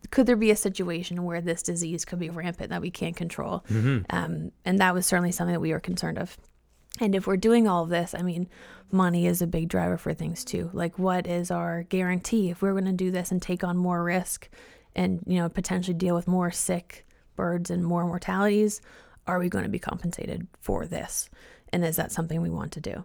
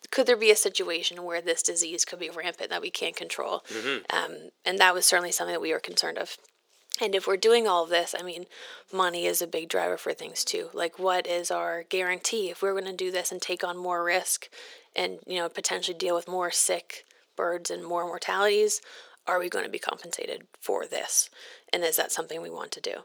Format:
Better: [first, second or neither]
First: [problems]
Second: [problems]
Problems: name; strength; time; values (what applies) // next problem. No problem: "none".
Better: first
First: none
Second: thin; very; fading below 400 Hz